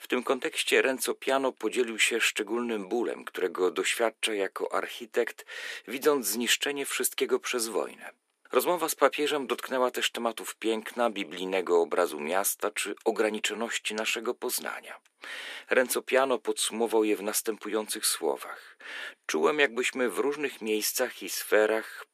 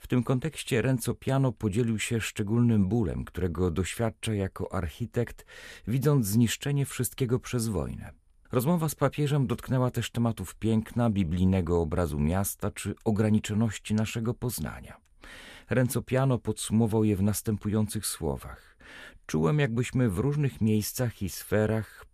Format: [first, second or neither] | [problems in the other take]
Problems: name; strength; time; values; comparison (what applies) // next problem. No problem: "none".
second | thin; very; fading below 300 Hz